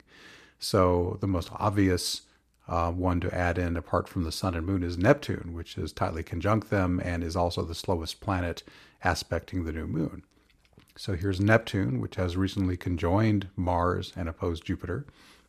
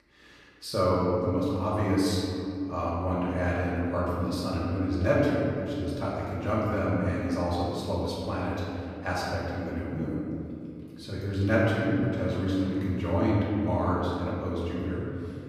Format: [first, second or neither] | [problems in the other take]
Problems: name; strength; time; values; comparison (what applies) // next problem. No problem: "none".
first | room echo; strong; dies away in 2.6 s // off-mic speech; far